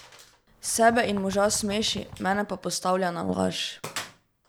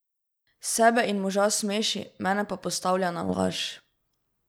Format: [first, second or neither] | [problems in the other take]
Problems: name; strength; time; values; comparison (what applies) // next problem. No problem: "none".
second | background sound (Bird + Gunshot, gunfire); 17 dB below the speech